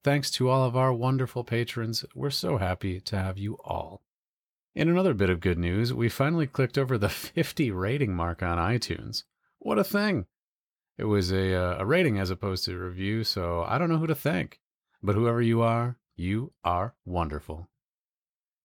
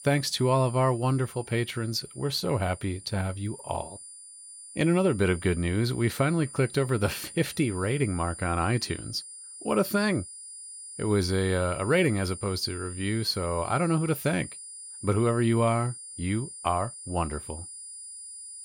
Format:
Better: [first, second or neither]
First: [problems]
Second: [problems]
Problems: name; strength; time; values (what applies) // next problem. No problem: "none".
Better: first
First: none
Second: high-pitched whine; noticeable; throughout; 9.5 kHz, 15 dB below the speech